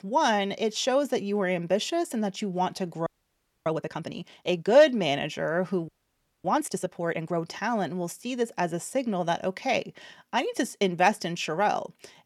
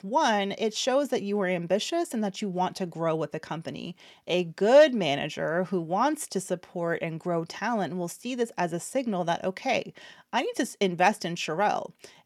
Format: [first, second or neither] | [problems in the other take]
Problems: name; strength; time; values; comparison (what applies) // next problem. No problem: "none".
second | audio freezing; at 3 s for 0.5 s and at 6 s for 0.5 s